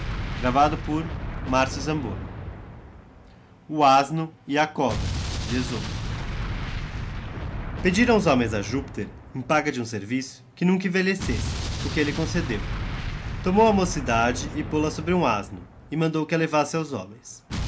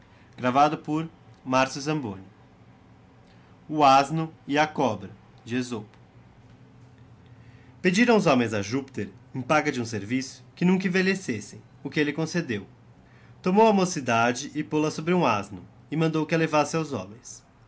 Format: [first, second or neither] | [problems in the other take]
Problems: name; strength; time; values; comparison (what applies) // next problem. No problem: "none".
second | background sound (Explosion); 7 dB below the speech